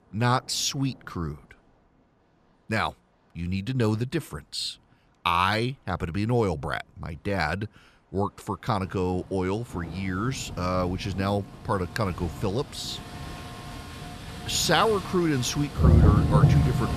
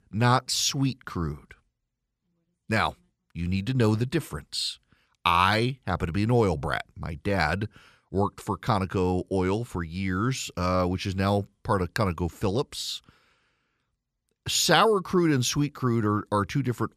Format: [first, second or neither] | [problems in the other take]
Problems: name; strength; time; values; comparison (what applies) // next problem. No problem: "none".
second | rain or running water; very loud; throughout; as loud as the speech